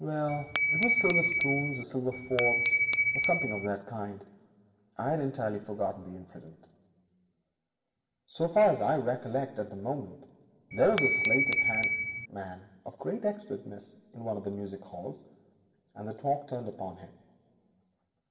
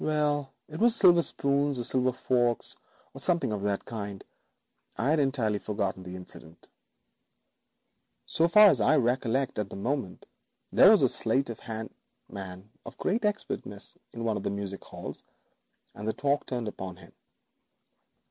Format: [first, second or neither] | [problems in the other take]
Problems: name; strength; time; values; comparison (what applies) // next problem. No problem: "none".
second | background sound (Glass / Bell); 5 dB above the speech // room echo; dies away in 2.3 s